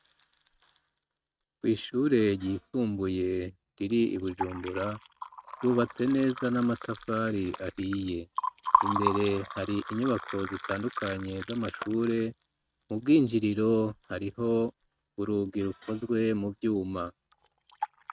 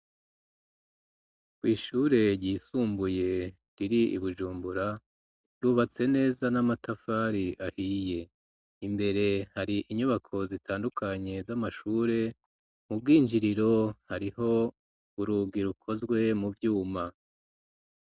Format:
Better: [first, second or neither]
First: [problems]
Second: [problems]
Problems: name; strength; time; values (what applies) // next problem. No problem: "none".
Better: second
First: noise reduction (neural mask model RNNoise)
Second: none